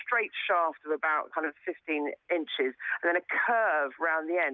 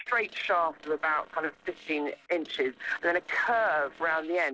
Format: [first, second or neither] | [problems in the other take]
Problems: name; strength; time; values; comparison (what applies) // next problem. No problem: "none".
first | noise reduction (neural separator model SepFormer DNS4)